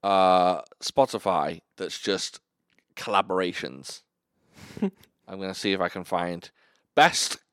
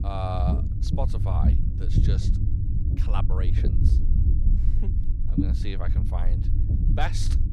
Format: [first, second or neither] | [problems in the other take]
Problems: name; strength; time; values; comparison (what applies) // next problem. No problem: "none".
first | low rumble; loud; throughout; 4 dB below the speech